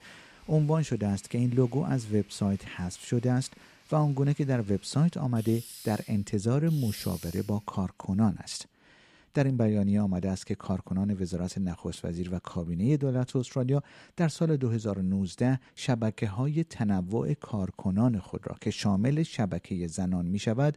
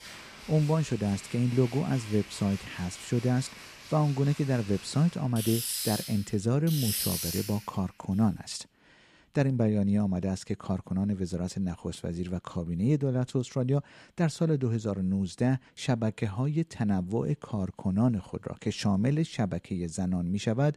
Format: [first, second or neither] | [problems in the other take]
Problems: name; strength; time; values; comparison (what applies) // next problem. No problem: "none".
first | machinery noise; loud; until 7.5 s; 8 dB below the speech; faint in the first